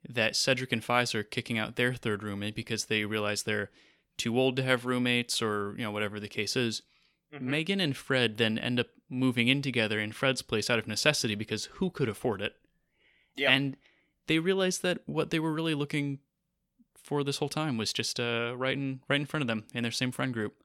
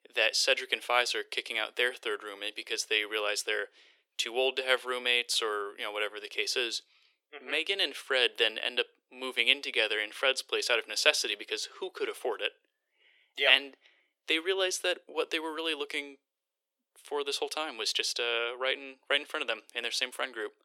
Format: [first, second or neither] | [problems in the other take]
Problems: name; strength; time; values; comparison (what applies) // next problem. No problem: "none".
first | thin; very; fading below 350 Hz